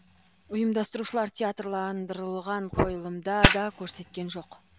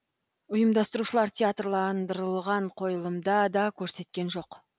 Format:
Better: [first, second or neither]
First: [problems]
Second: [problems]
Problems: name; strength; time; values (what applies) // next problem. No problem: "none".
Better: second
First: background sound (Fire); as loud as the speech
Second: none